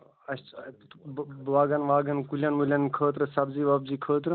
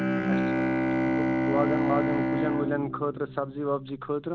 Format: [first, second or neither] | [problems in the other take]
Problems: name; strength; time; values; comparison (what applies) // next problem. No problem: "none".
first | background sound (Bowed string instrument); 4 dB above the speech